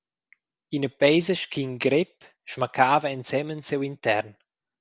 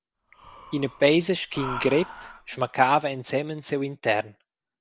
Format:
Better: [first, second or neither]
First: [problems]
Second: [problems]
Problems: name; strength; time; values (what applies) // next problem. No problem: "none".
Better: first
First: none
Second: background sound (Breathing); 16 dB below the speech